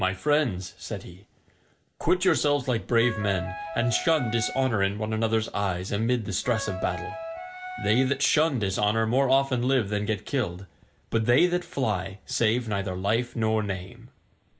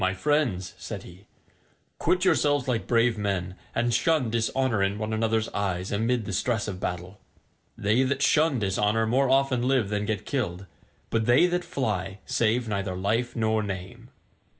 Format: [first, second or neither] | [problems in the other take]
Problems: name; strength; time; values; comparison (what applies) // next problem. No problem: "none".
second | background sound (Wind instrument, woodwind instrument); 9 dB below the speech